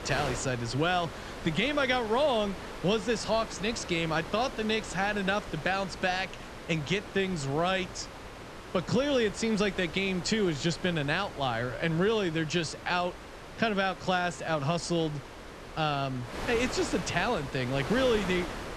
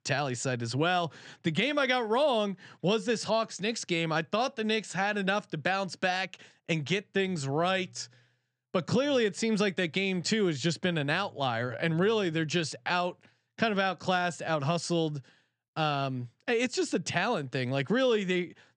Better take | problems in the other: second | wind noise on the microphone; occasional gusts; 10 dB below the speech

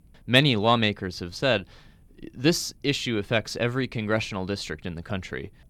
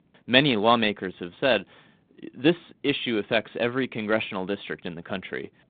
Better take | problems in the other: first | phone-call audio; nothing above 3.5 kHz

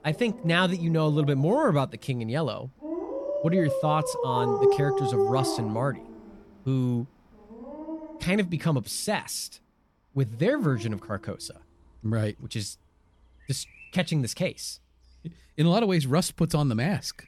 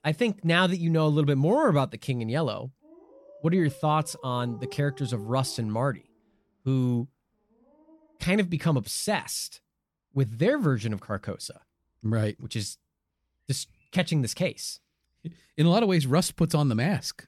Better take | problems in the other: second | animal sounds; loud; throughout; 4 dB below the speech; faint in the second

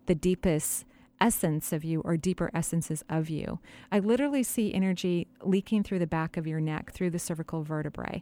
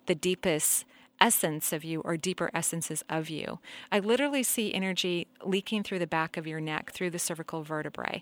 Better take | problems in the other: first | thin; somewhat; fading below 650 Hz

